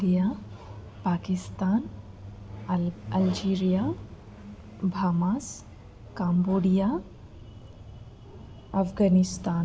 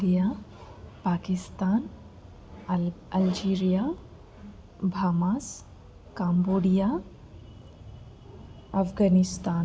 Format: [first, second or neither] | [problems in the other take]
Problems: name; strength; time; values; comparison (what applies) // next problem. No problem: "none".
second | background sound (Truck); 17 dB below the speech